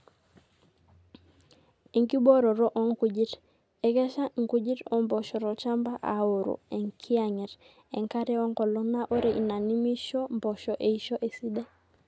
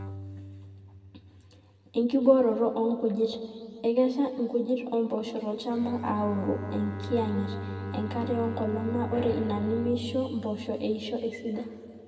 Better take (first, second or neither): first